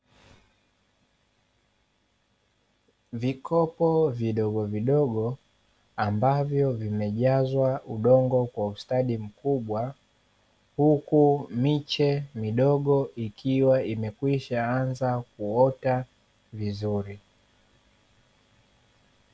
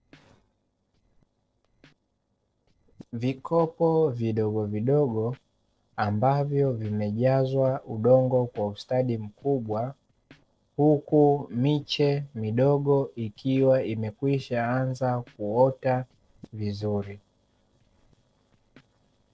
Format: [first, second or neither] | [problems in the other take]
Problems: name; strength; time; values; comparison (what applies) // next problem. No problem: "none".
first | noise reduction (neural separator model SepFormer DNS4)